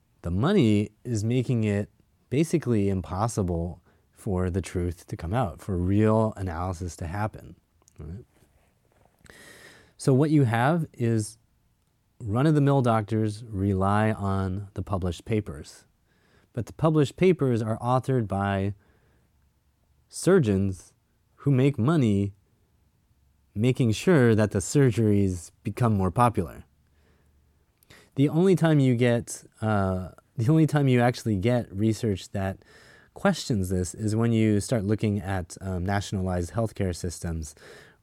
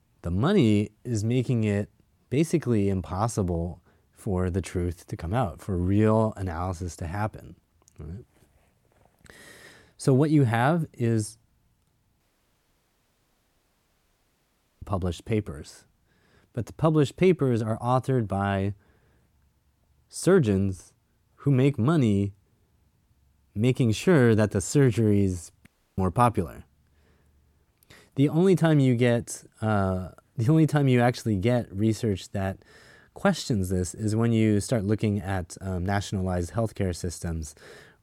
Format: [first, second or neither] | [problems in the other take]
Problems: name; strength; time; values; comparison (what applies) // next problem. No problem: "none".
first | audio cutting out; at 12 s for 2.5 s and at 26 s